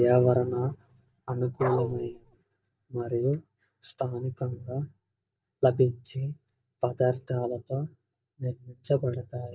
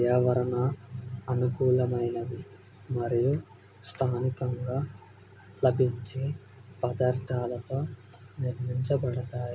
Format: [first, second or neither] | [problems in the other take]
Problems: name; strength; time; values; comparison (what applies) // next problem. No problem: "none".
second | noise reduction (neural mask model DeepFilterNet 3)